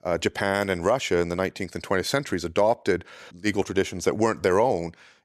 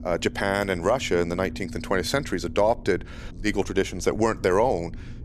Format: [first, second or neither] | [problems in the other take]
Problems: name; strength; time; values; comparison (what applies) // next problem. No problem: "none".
first | low rumble; faint; throughout; 20 dB below the speech